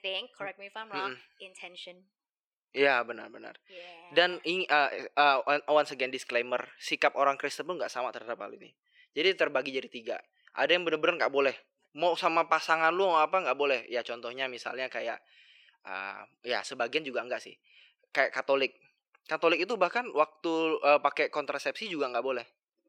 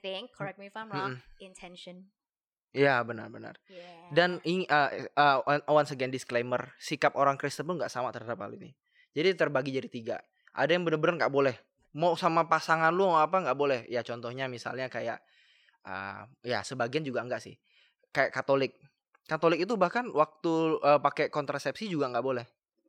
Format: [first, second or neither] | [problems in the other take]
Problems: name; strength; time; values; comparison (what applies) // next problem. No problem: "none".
second | thin; very slightly; fading below 400 Hz